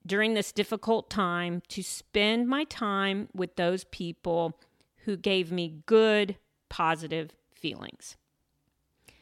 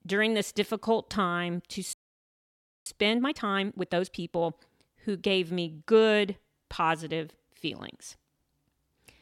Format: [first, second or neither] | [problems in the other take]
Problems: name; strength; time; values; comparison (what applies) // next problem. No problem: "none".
first | audio freezing; at 2 s for 1 s